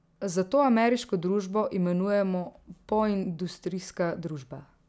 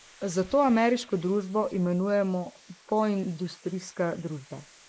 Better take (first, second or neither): first